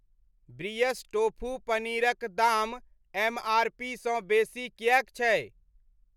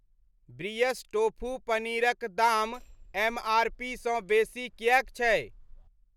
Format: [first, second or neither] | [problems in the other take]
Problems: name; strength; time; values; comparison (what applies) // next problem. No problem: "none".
first | background sound (Hammer); 20 dB below the speech